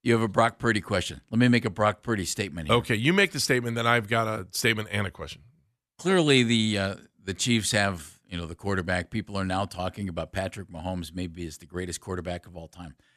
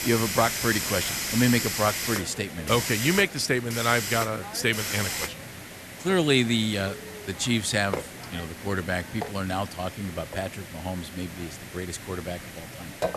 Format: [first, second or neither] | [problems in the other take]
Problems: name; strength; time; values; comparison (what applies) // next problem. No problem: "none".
first | hiss; loud; throughout; 5 dB below the speech